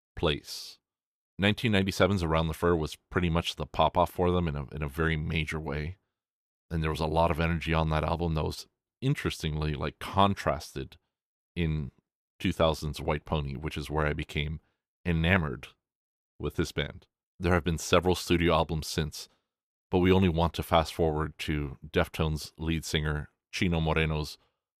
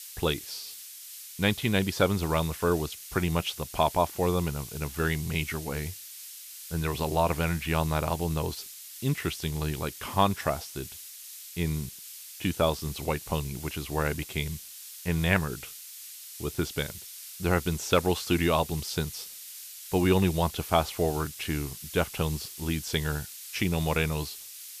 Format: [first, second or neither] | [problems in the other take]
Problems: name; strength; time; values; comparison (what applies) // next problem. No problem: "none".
first | hiss; noticeable; throughout; 10 dB below the speech